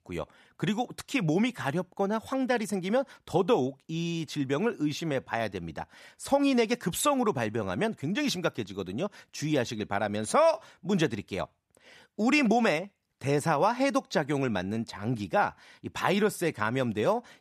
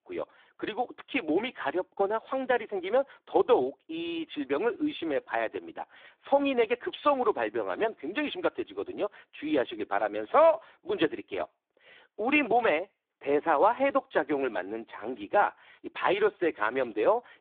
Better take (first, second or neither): first